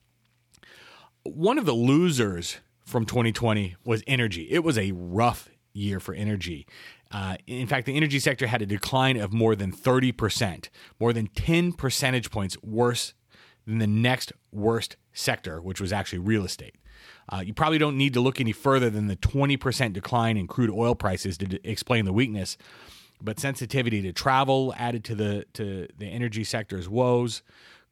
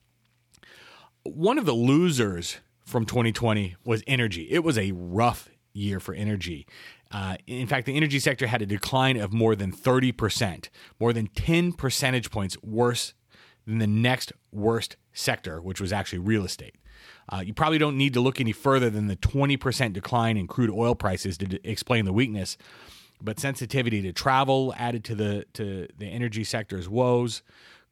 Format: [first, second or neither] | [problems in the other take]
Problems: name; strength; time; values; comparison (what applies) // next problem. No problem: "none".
neither | none